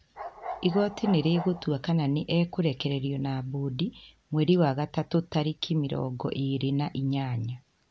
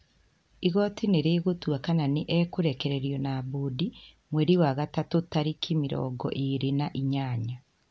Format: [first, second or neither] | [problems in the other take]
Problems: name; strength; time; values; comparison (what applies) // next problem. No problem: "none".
second | background sound (Bark); 12 dB below the speech